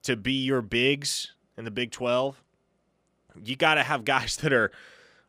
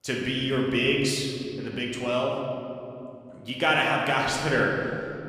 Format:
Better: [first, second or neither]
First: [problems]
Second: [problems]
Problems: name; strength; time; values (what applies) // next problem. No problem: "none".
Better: first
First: none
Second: room echo; noticeable; dies away in 2.7 s // off-mic speech; somewhat distant